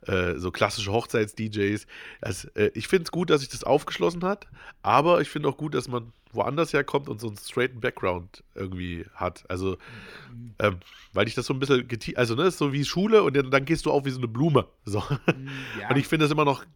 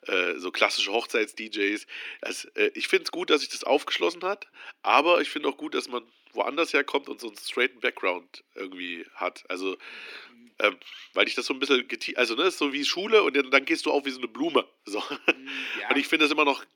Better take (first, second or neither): first